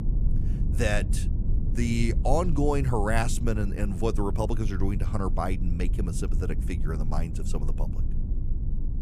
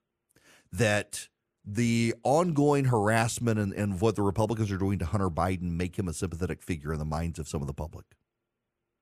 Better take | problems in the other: second | low rumble; noticeable; throughout; 15 dB below the speech

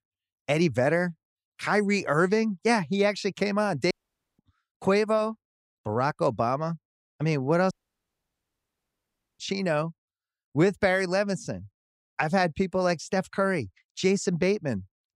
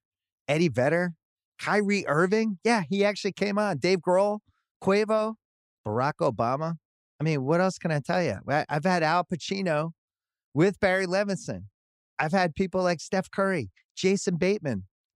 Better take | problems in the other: second | audio cutting out; at 4 s and at 7.5 s for 1.5 s

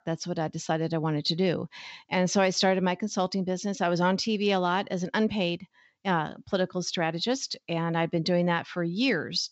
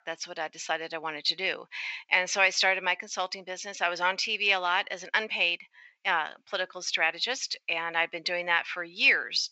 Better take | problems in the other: first | thin; very; fading below 700 Hz

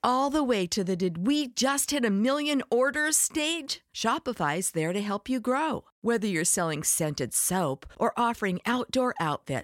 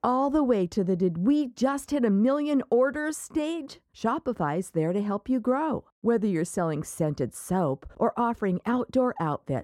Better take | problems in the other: first | muffled; slightly; fading above 1 kHz

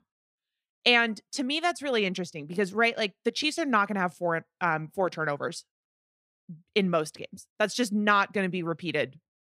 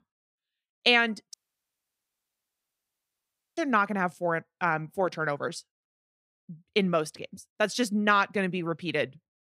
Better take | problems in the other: first | audio cutting out; at 1.5 s for 2 s

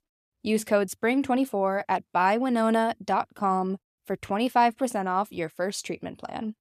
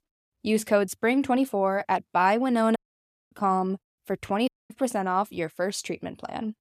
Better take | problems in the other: first | audio cutting out; at 3 s for 0.5 s and at 4.5 s

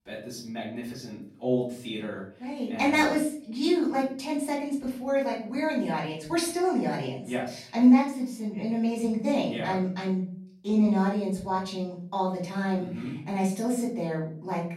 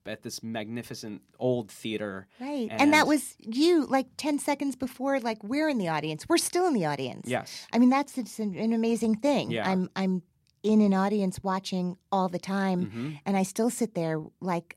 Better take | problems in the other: second | off-mic speech; far // room echo; slight; dies away in 0.5 s

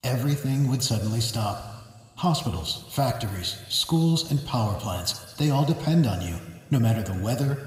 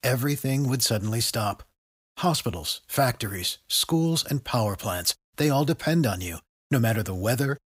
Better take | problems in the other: second | room echo; slight; dies away in 2.1 s

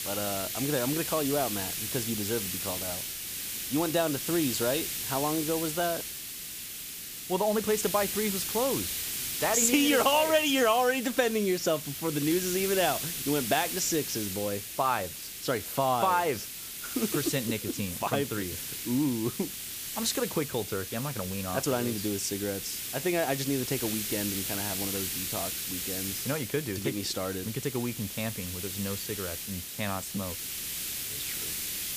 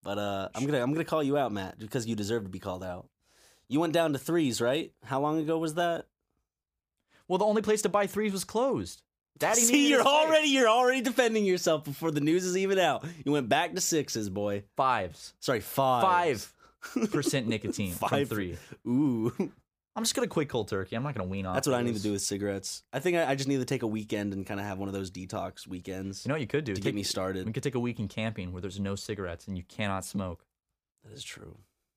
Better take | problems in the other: second | hiss; loud; throughout; 3 dB below the speech

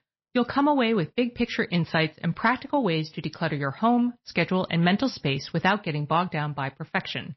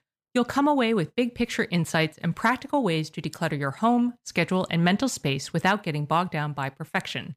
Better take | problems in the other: second | garbled, watery; slightly; nothing above 5.5 kHz

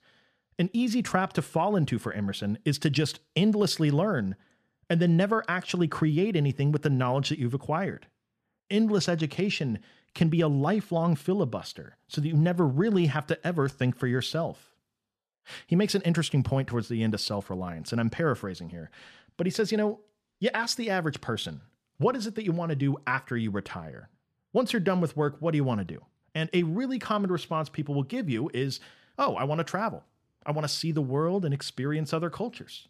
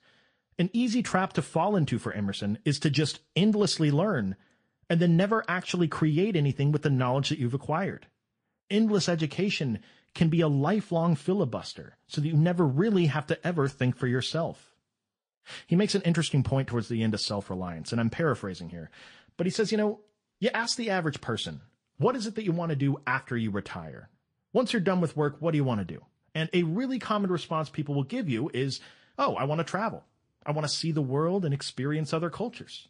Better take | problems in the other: first | garbled, watery; slightly

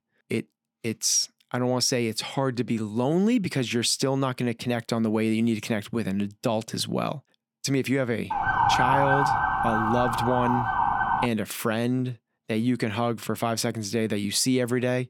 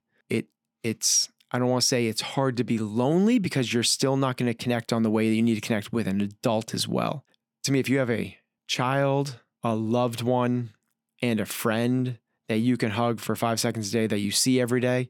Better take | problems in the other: second | siren; loud; from 8.5 to 11 s; peak 5 dB above the speech

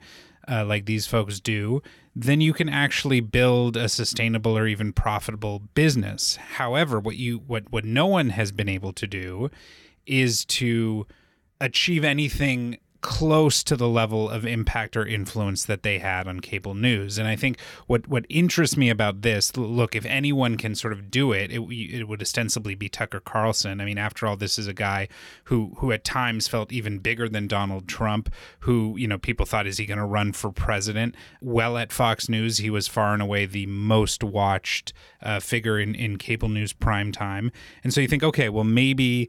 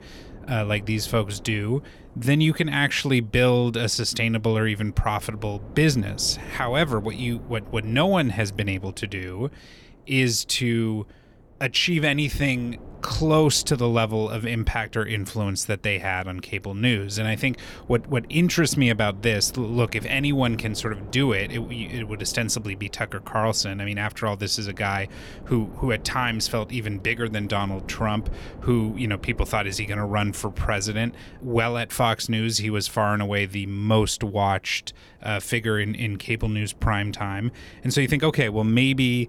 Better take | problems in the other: first | wind noise on the microphone; occasional gusts; 25 dB below the speech

